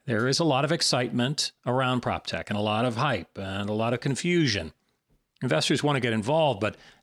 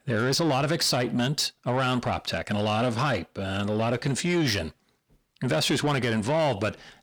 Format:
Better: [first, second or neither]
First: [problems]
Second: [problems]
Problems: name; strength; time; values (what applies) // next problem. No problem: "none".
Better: first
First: none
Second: distortion; slight; 10 dB below the speech